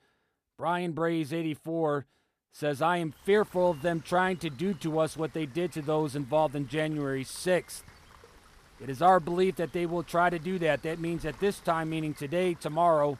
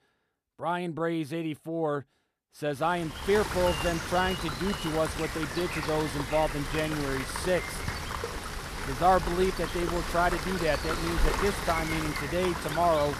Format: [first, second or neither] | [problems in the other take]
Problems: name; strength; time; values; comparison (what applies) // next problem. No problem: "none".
first | rain or running water; loud; from 3 s on; 4 dB below the speech; faint in the first